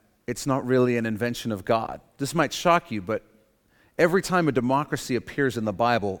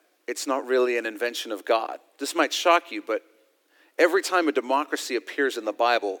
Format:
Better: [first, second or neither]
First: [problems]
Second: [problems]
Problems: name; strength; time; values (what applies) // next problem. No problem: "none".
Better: first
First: none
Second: thin; somewhat; fading below 300 Hz